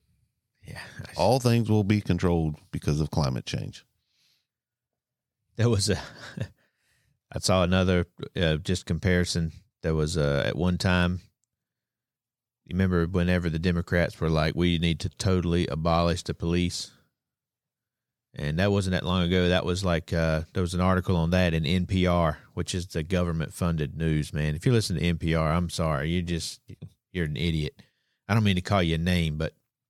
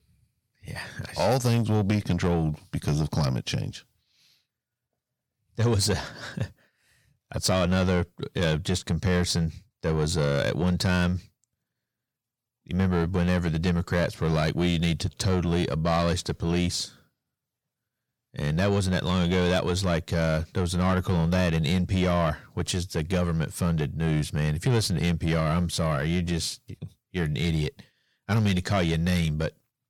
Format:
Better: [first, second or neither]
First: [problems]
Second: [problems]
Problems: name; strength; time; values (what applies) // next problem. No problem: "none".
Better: first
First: none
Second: distortion; slight; 10 dB below the speech